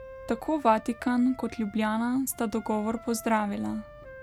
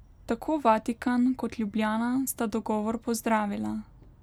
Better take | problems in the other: second | background sound (Wind instrument, woodwind instrument); 20 dB below the speech

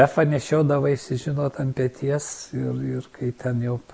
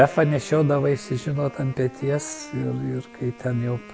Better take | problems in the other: first | background sound (Wind instrument, woodwind instrument); 19 dB below the speech

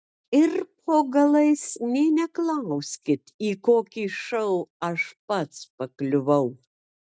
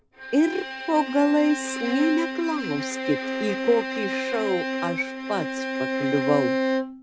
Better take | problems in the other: first | background sound (Bowed string instrument); 3 dB below the speech

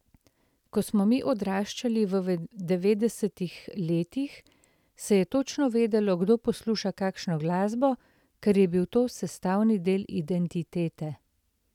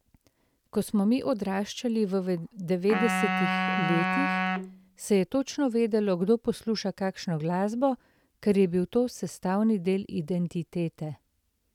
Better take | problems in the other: first | background sound (Wind instrument, woodwind instrument); 2 dB below the speech

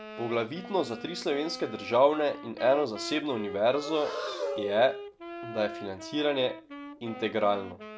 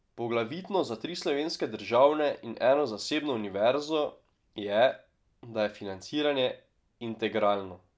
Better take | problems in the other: second | background sound (Wind instrument, woodwind instrument + Breathing); 11 dB below the speech

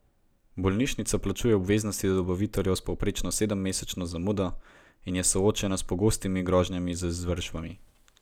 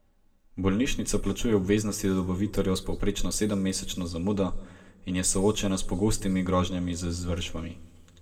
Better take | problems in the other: first | room echo; dies away in 1 s

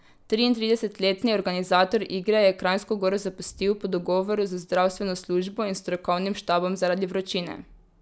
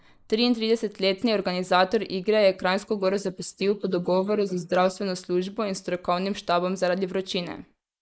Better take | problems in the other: first | noise reduction (neural mask model Resemble Enhance denoiser)

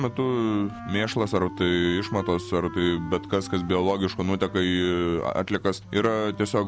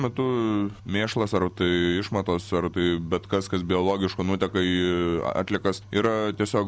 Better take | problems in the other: second | background sound (Wind instrument, woodwind instrument); 16 dB below the speech

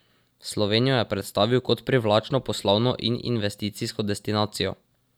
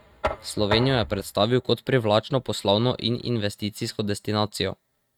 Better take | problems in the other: first | noise reduction (neural mask model RNNoise)

